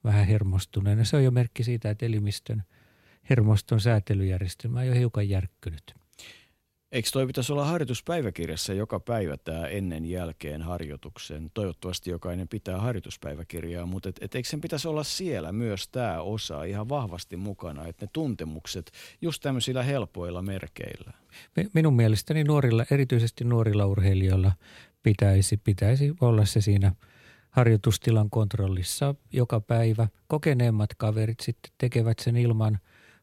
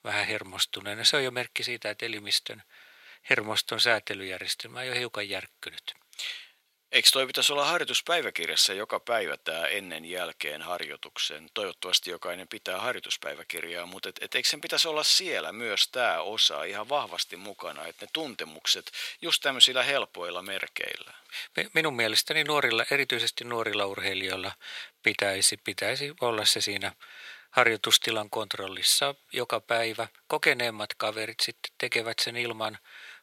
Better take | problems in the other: first | thin; very; fading below 700 Hz

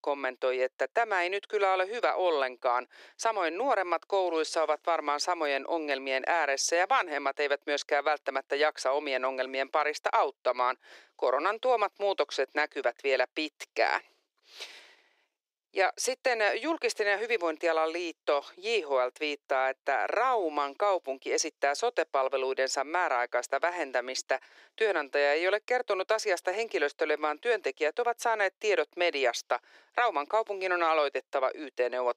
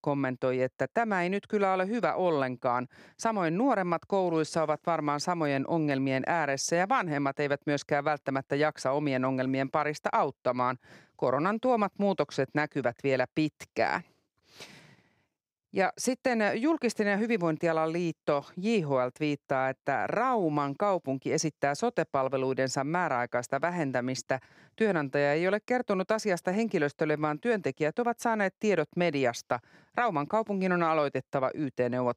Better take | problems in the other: second | thin; very; fading below 350 Hz

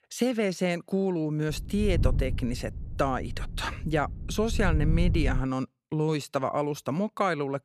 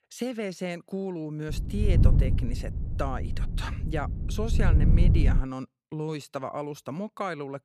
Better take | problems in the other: first | wind noise on the microphone; heavy; from 1.5 to 5.5 s; 5 dB below the speech; occasional gusts in the first

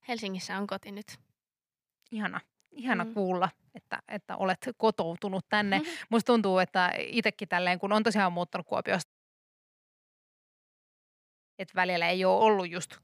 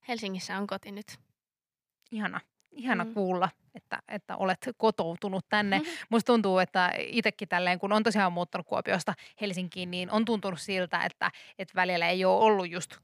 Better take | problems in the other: second | audio cutting out; at 9 s for 2.5 s

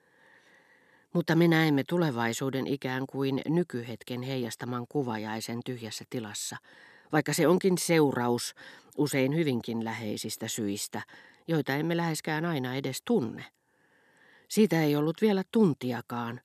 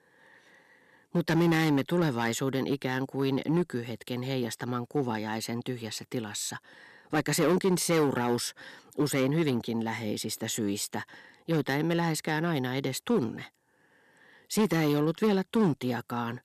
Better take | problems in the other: first | distortion; slight; 5% of the sound clipped

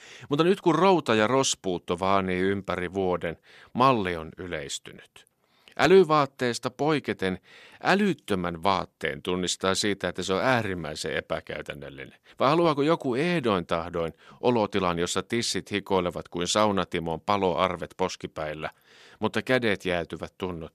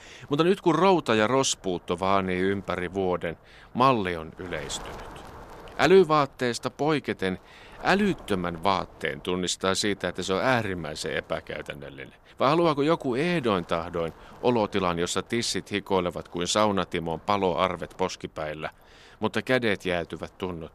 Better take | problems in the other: first | wind noise on the microphone; occasional gusts; 25 dB below the speech

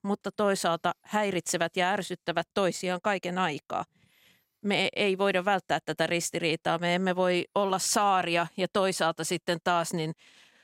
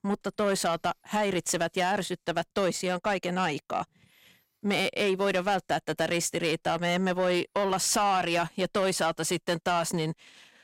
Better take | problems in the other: first | distortion; slight; 10 dB below the speech

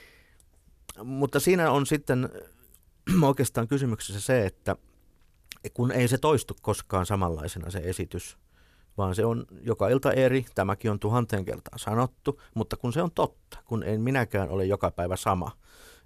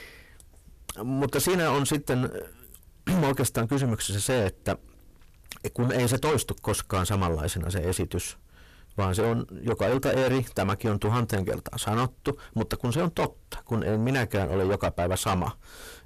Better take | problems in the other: first | distortion; heavy; 6 dB below the speech

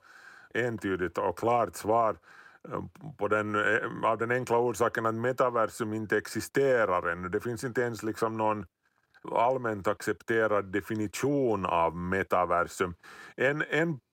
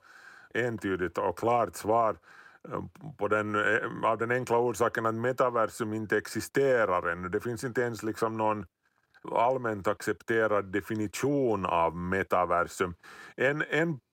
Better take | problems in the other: neither | none

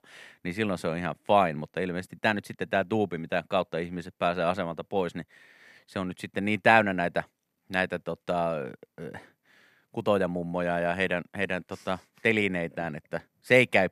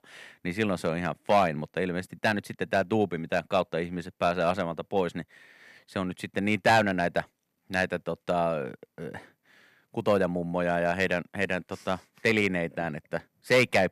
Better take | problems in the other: first | distortion; slight; 1% of the sound clipped

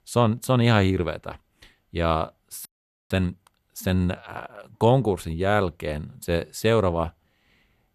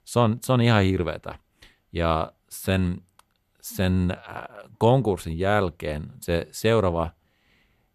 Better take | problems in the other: second | audio freezing; at 2.5 s

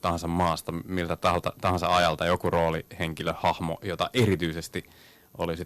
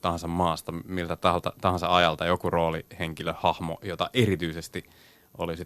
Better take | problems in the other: second | distortion; slight; 1.9% of the sound clipped

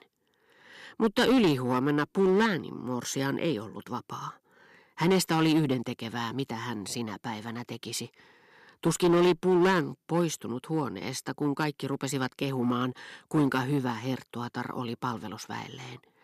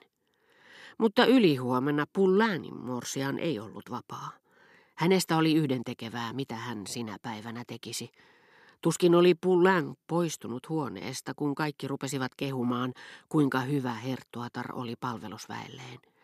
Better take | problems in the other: second | distortion; slight; 5% of the sound clipped

